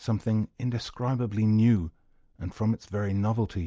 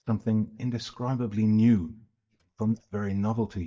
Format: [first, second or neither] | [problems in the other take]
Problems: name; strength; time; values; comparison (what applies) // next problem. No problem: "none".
first | noise reduction (neural mask model DeepFilterNet 3)